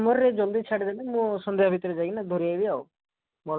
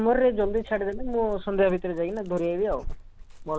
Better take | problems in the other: first | background sound (Dog); 10 dB below the speech

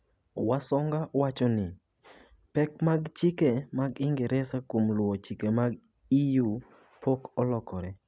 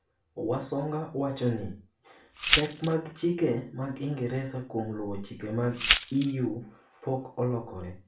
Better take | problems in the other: first | background sound (Glass); 2 dB above the speech // room echo; dies away in 0.3 s

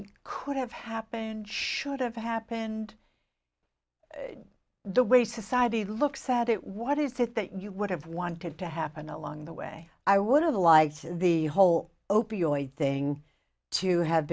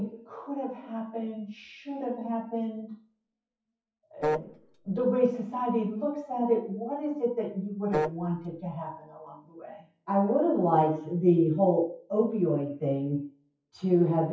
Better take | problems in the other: first | noise reduction (classical method WPE with log-MMSE)

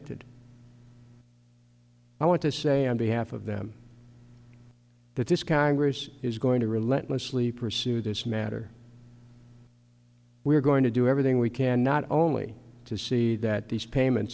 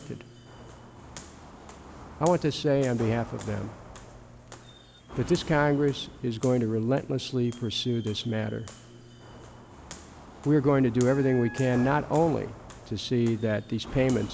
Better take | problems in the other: first | background sound (Walk, footsteps + Wind instrument, woodwind instrument); 16 dB below the speech

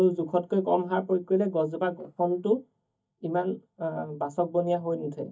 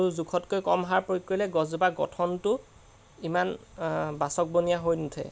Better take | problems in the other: second | noise reduction (neural mask model DeepFilterNet 3)

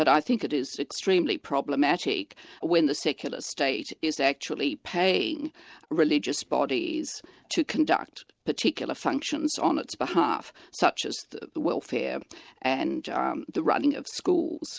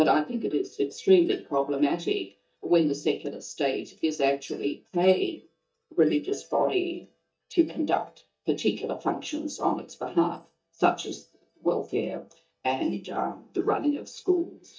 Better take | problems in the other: first | noise reduction (neural mask model DeepFilterNet 3)

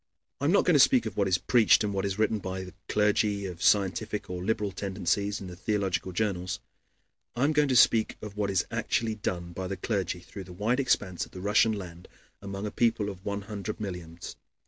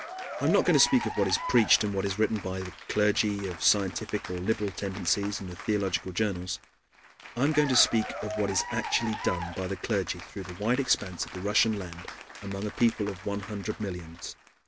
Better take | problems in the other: first | background sound (Applause / Cheering); 11 dB below the speech

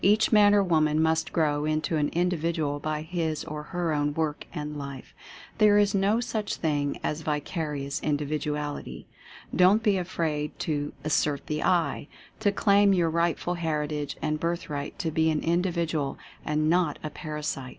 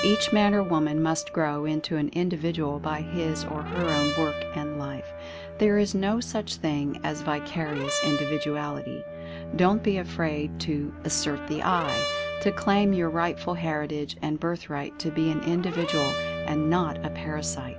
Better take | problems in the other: first | background sound (Brass instrument + Bowed string instrument); 7 dB below the speech

